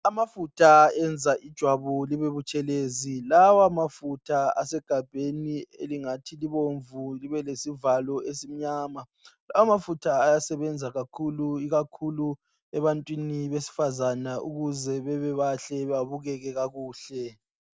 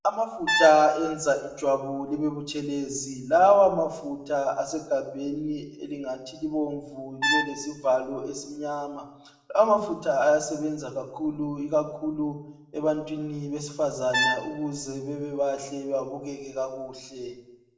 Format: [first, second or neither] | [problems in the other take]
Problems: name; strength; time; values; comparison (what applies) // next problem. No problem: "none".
first | background sound (Brass instrument); 4 dB below the speech // room echo; dies away in 0.7 s